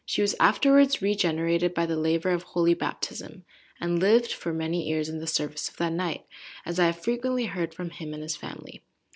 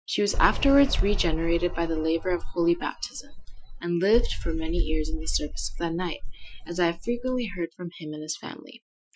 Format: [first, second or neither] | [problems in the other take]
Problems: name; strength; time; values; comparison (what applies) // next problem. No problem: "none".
first | noise reduction (classical method Wiener filter)